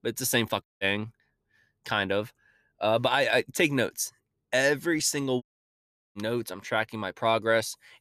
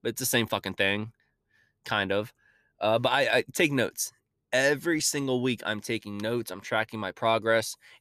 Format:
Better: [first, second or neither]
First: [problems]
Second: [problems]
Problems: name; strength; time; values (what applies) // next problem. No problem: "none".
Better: second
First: audio cutting out; at 0.5 s and at 5.5 s for 0.5 s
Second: none